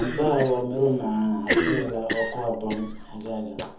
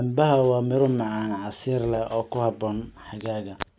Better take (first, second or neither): second